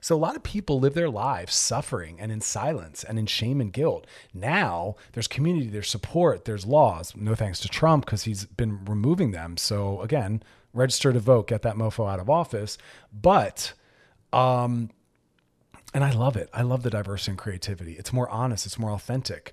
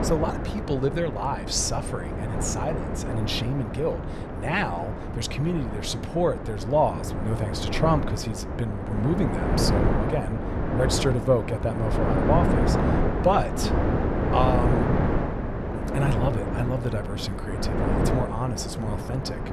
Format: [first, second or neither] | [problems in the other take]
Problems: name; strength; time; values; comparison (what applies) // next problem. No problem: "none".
first | wind noise on the microphone; heavy; 3 dB below the speech